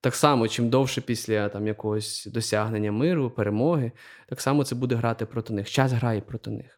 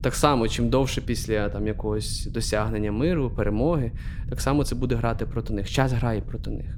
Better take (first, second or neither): first